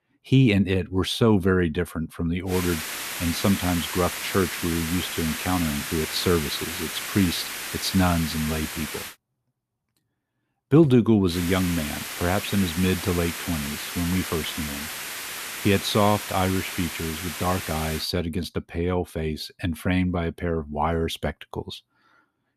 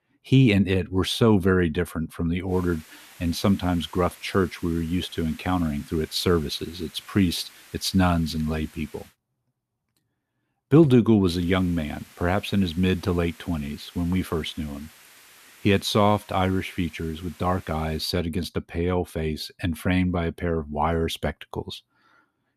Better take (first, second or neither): second